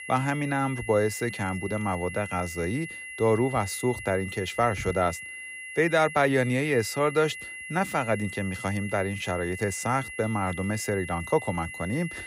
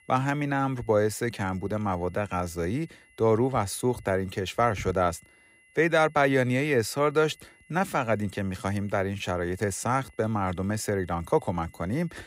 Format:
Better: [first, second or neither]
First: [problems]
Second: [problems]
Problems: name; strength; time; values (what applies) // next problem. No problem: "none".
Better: second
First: high-pitched whine; loud; throughout; 2 kHz, 10 dB below the speech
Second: high-pitched whine; faint; throughout; 2 kHz, 30 dB below the speech